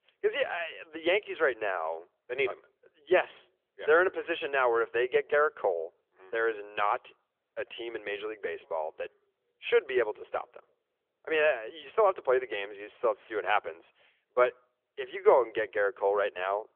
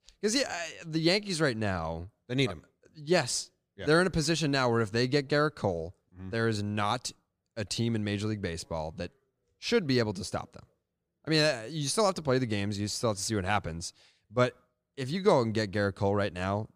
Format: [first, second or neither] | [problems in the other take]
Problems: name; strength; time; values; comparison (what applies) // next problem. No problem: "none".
second | phone-call audio; nothing above 3.5 kHz